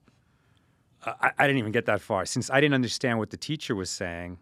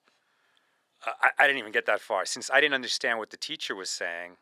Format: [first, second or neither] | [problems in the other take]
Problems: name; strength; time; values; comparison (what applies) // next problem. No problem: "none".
first | thin; very; fading below 600 Hz